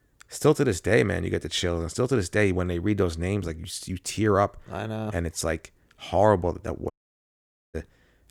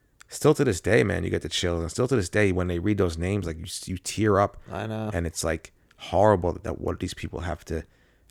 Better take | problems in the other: second | audio cutting out; at 7 s for 1 s

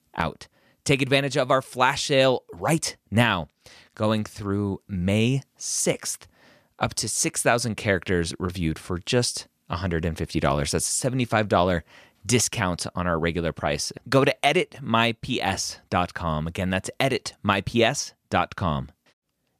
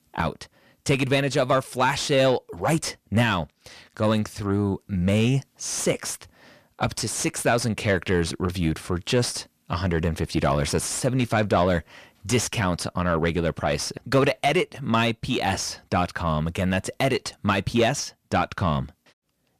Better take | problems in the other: first | distortion; slight; 10 dB below the speech

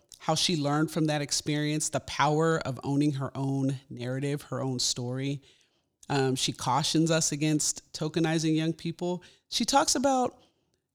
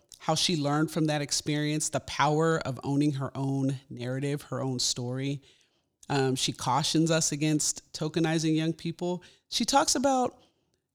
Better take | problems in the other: neither | none

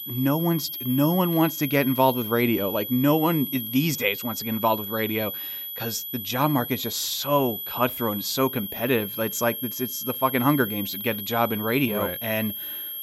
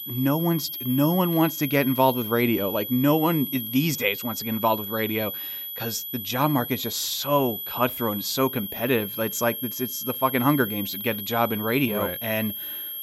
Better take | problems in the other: neither | high-pitched whine; loud; throughout; 12 kHz, 6 dB below the speech; the same in both

